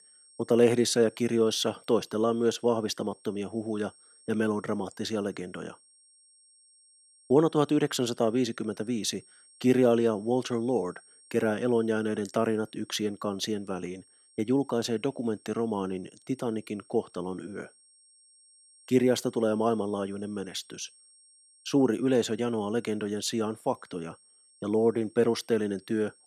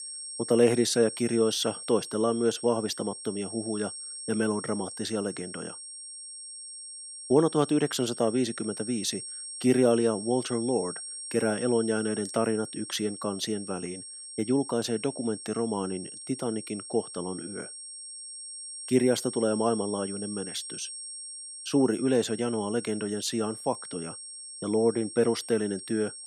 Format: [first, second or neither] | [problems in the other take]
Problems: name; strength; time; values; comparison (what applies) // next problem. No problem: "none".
first | high-pitched whine; loud; throughout; 8.5 kHz, 10 dB below the speech; faint in the first